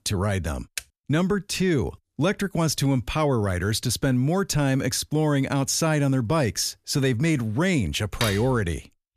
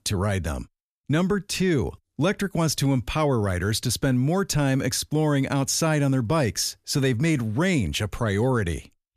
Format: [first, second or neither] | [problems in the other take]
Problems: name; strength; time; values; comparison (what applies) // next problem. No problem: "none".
second | keyboard typing; very faint; at 1 s; peak 10 dB below the speech // clattering dishes; noticeable; at 8 s; peak 5 dB below the speech